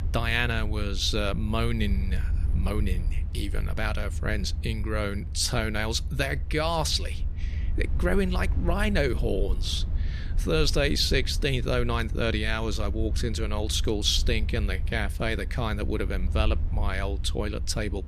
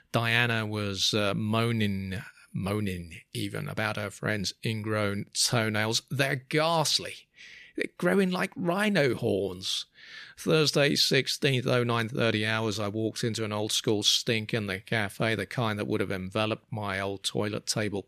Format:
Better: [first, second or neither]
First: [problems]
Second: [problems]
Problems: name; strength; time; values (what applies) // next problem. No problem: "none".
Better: second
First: low rumble; noticeable; throughout; 20 dB below the speech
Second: none